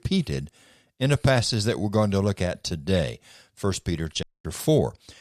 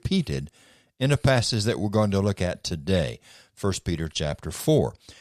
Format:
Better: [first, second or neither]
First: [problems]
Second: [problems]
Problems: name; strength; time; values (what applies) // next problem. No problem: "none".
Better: second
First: audio cutting out; at 4 s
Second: none